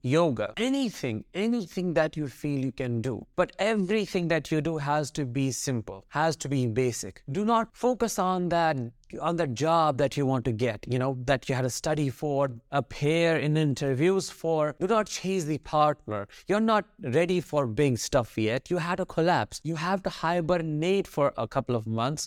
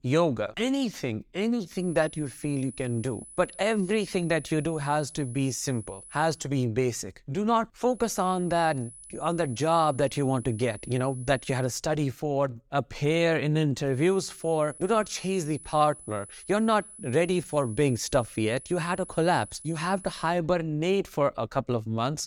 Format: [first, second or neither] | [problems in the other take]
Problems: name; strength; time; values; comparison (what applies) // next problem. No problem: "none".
first | high-pitched whine; noticeable; from 2 to 6.5 s, from 8 to 12 s and from 14 to 20 s; 10 kHz, 15 dB below the speech